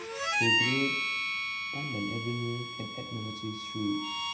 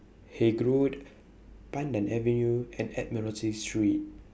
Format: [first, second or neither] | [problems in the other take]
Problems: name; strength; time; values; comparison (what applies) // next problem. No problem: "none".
second | background sound (Harmonica); 3 dB above the speech // room echo; dies away in 0.9 s